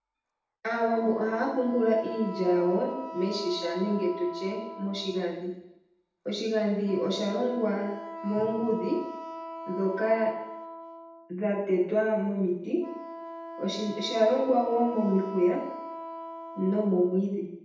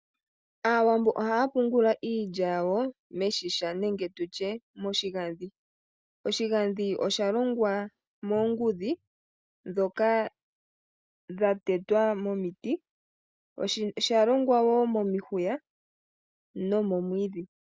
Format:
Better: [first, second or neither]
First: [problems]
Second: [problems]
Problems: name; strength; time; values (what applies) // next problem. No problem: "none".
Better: second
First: background sound (Wind instrument, woodwind instrument); 13 dB below the speech // room echo; dies away in 0.8 s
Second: none